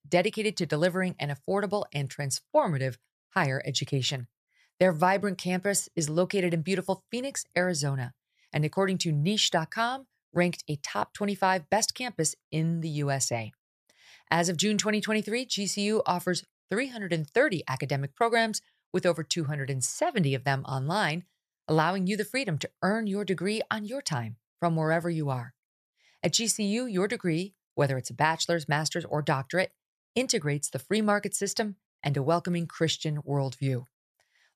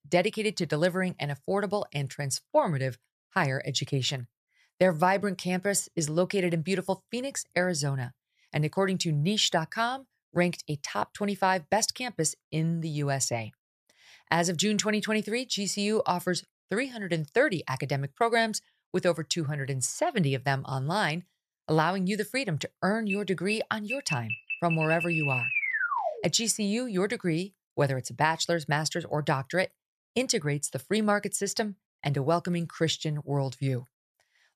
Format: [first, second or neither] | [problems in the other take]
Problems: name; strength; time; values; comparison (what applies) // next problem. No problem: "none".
first | alarm; loud; from 23 to 26 s; peak 2 dB above the speech